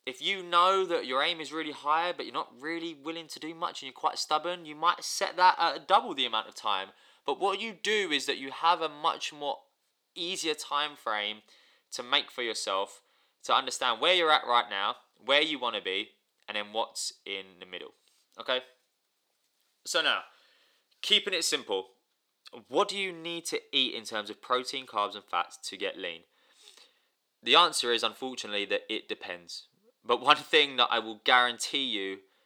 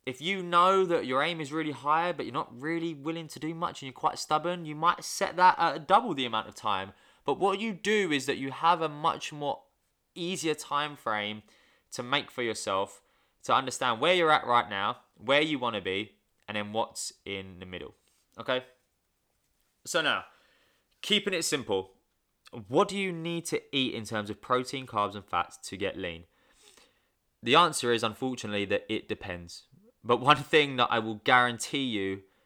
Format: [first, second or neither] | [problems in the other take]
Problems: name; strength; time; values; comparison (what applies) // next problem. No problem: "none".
second | thin; somewhat; fading below 350 Hz